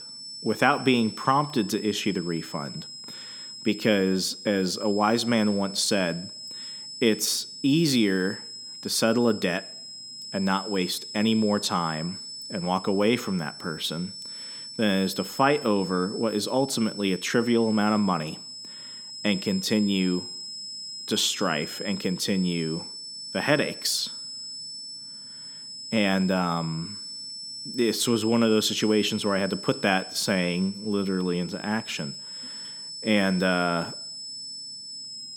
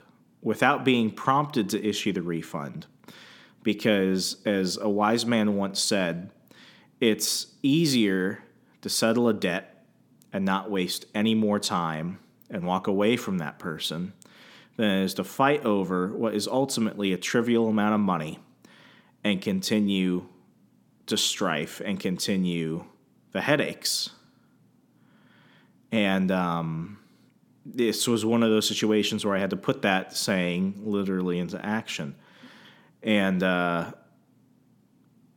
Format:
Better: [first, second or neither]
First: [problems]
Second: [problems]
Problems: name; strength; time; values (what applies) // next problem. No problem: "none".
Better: second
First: high-pitched whine; noticeable; throughout; 5 kHz, 10 dB below the speech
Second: none